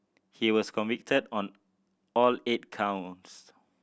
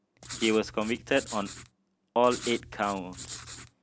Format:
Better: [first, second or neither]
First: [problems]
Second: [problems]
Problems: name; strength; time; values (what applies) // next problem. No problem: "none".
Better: first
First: none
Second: background sound (Writing); 12 dB below the speech